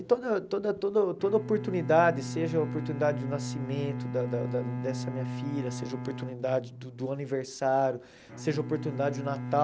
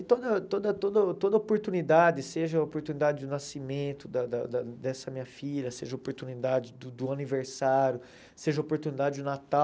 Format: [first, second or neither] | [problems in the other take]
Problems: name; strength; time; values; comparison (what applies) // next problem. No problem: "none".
second | background sound (Bowed string instrument); 7 dB below the speech